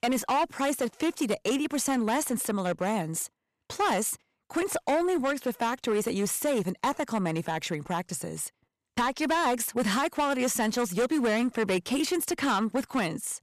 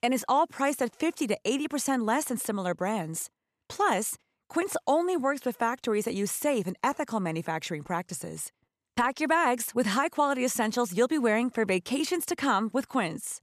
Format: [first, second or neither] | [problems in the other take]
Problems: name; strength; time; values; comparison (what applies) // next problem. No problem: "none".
second | distortion; slight; 11% of the sound clipped